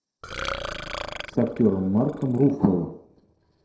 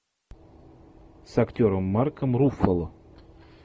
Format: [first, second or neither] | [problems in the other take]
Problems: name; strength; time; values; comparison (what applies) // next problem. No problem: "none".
second | noise reduction (neural separator model SepFormer DNS4)